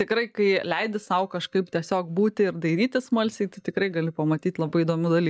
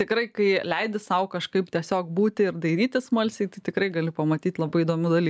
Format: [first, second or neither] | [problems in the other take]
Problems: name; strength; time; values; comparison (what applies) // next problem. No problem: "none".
second | noise reduction (neural mask model DeepFilterNet 3)